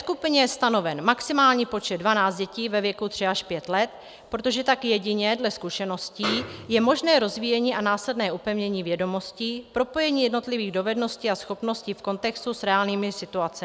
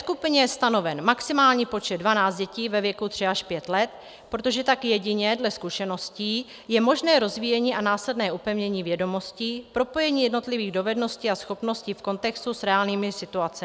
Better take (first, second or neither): second